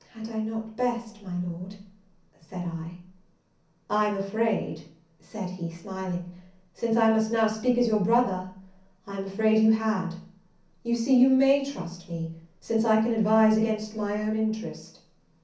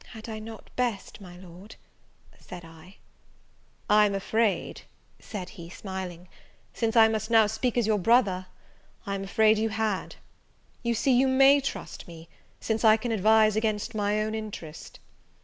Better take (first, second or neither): second